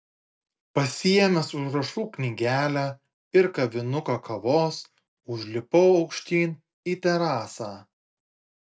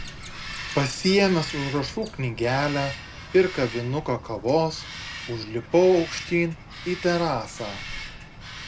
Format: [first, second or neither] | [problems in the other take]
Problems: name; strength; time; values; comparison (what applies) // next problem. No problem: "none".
first | background sound (Bird vocalization, bird call, bird song); 12 dB below the speech